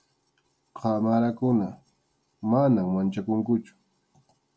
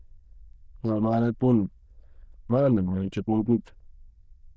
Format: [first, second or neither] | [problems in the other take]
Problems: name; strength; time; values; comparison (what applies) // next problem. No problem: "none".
first | noise reduction (neural diffusion model UNIVERSE++)